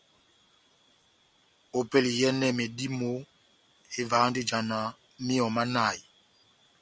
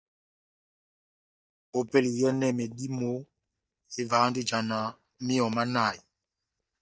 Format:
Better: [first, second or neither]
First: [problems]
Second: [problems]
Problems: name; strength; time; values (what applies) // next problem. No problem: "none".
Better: first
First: none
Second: noise reduction (neural mask model DeepFilterNet 3)